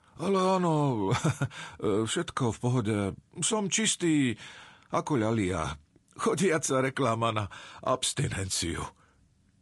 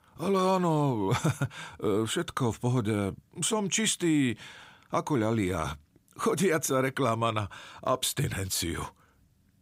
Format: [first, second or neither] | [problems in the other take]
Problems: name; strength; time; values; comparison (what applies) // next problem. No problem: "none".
second | garbled, watery; slightly; nothing above 10 kHz